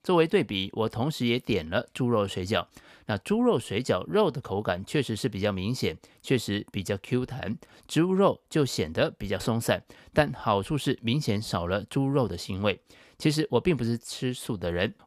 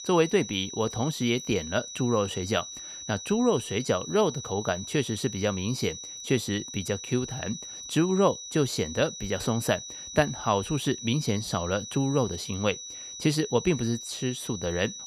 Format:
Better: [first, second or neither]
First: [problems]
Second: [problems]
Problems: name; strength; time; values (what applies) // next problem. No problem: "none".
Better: first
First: none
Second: high-pitched whine; loud; throughout; 6 kHz, 9 dB below the speech